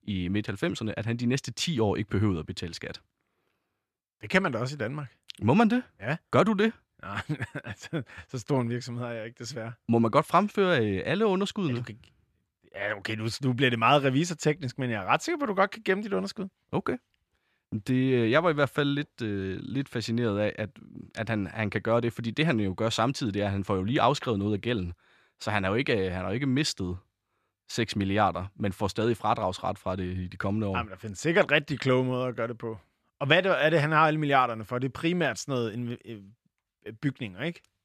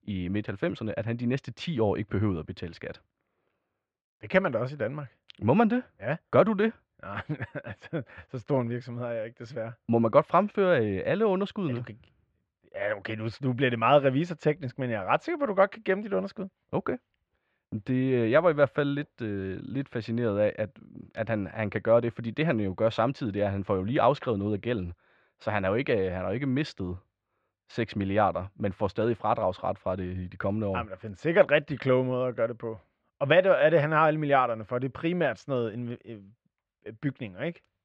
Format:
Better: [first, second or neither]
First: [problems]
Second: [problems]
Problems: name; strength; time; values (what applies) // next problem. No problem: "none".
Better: first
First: none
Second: muffled; very; fading above 2.5 kHz